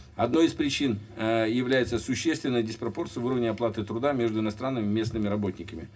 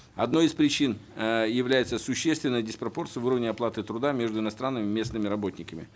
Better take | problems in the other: second | room echo; dies away in 0.4 s

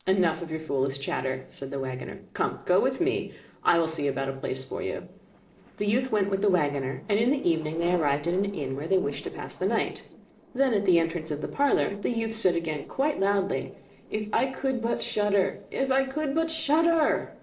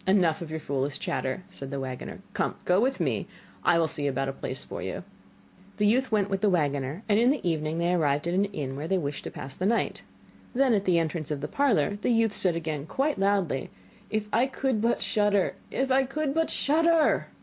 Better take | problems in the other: second | noise reduction (neural separator model SepFormer DNS4)

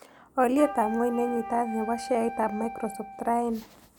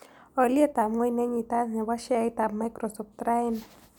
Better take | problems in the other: second | background sound (Wind instrument, woodwind instrument); 11 dB below the speech

